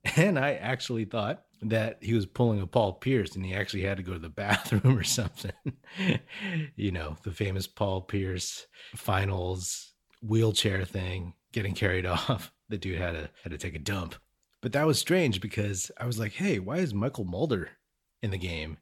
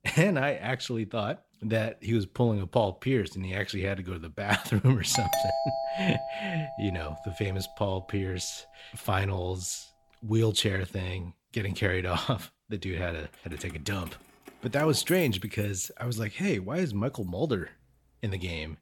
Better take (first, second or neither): first